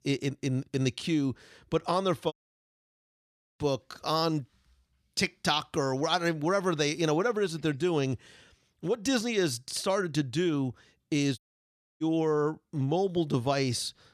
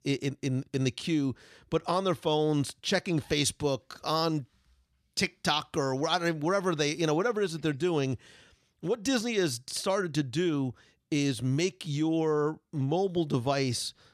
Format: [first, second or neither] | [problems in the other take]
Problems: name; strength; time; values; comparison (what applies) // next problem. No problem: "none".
second | audio cutting out; at 2.5 s for 1.5 s and at 11 s for 0.5 s